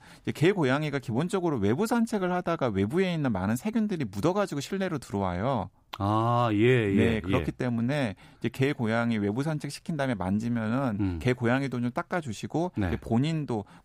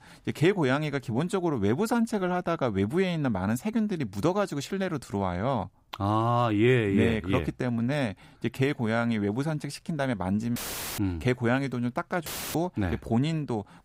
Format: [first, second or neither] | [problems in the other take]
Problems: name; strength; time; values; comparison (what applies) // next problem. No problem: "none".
first | audio cutting out; filled with static; at 11 s and at 12 s